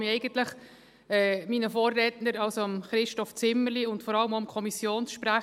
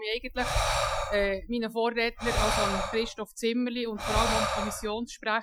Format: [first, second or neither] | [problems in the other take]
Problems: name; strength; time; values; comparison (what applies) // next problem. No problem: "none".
first | noise reduction (classical method Wiener filter)